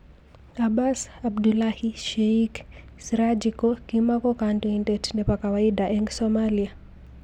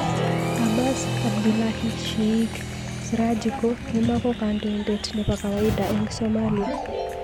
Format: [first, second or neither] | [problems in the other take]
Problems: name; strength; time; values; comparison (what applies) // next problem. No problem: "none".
first | background sound (Keyboard (musical) + Applause); 3 dB below the speech